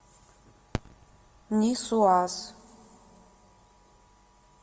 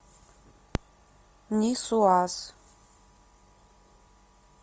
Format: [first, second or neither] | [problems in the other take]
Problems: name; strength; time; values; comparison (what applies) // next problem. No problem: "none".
second | room echo; dies away in 1.8 s